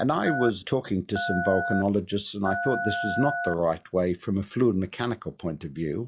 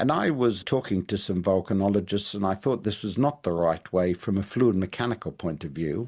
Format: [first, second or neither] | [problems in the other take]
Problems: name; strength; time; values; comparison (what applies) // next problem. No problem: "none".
second | noise reduction (classical method log-MMSE)